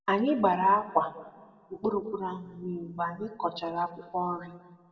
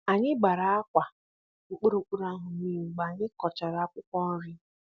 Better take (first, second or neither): second